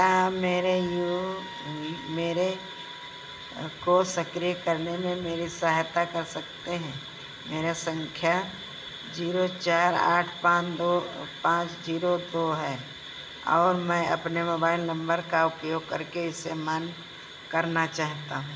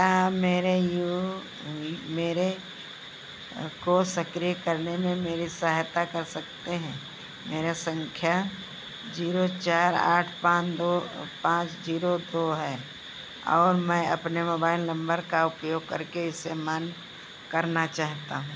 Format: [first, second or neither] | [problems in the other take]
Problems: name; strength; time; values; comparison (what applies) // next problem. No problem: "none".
second | background sound (Wind instrument, woodwind instrument); 17 dB below the speech // room echo; dies away in 2.3 s